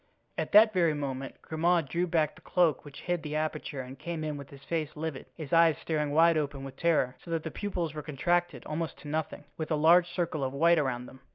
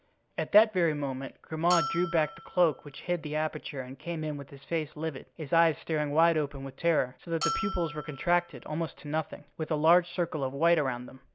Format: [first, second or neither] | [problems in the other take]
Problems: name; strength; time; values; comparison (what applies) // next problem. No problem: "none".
first | background sound (Bell); 9 dB below the speech